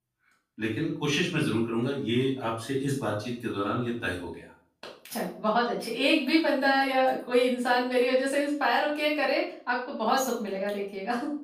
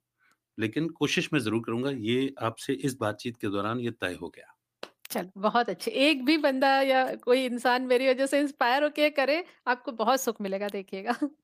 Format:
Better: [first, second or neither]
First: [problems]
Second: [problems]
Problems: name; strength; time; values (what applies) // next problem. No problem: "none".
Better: second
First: off-mic speech; far // room echo; noticeable; dies away in 0.4 s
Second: none